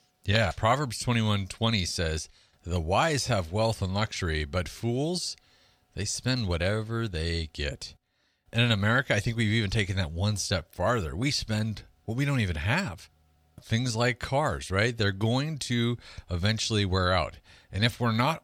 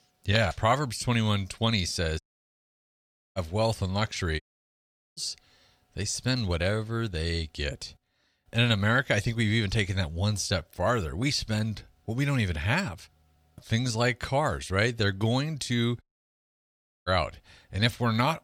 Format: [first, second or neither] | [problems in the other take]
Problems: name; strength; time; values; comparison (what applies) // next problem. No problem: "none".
first | audio cutting out; at 2 s for 1 s, at 4.5 s for 1 s and at 16 s for 1 s